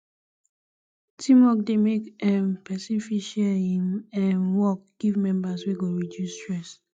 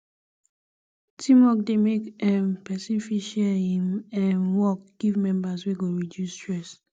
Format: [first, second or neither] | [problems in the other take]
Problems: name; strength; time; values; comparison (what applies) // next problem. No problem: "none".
second | noise reduction (classical method log-MMSE)